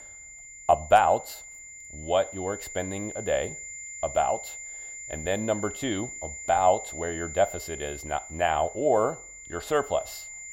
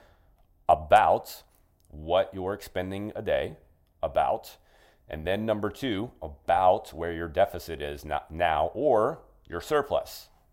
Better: second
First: high-pitched whine; noticeable; throughout; 7 kHz, 10 dB below the speech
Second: none

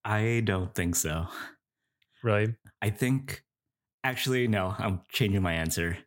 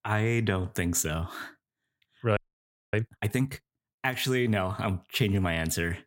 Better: first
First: none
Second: audio freezing; at 2.5 s for 0.5 s

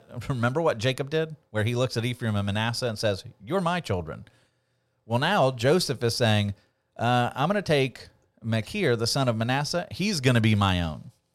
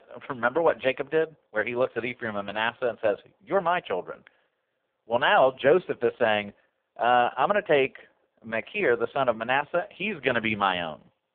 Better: first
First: none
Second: phone-call audio; poor line; nothing above 3.5 kHz

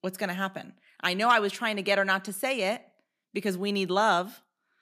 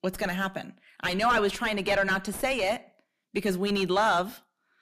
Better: first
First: none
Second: distortion; heavy; 5 dB below the speech

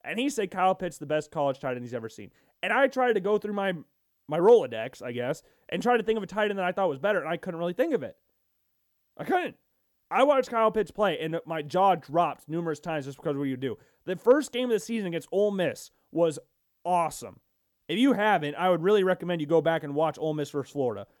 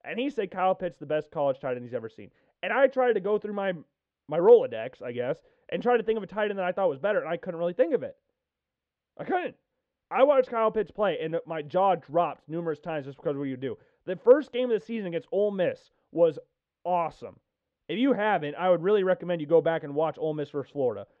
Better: first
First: none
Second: muffled; very; fading above 3.5 kHz

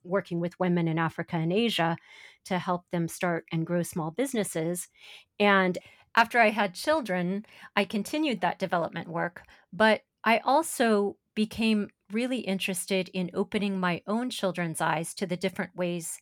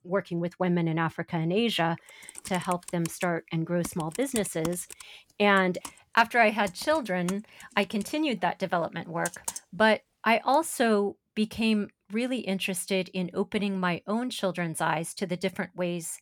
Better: first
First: none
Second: keyboard typing; noticeable; from 2.5 to 9.5 s; peak 6 dB below the speech

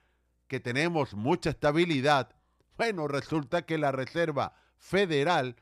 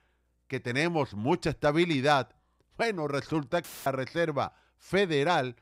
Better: first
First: none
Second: audio cutting out; filled with static; at 3.5 s

